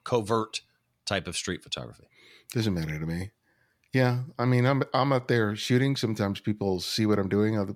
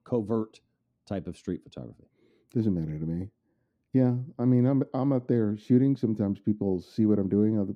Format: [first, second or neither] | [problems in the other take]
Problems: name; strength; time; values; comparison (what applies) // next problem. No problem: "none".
first | muffled; very; fading above 1 kHz